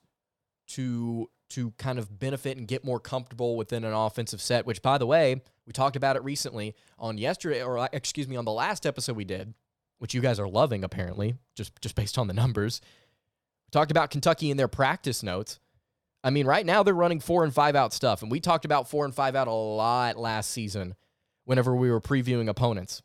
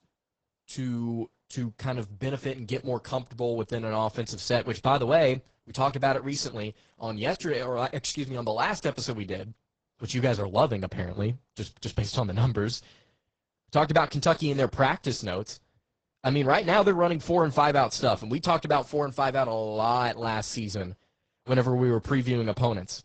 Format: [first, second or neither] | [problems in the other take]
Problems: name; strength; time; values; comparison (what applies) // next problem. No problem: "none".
first | garbled, watery; badly; nothing above 8 kHz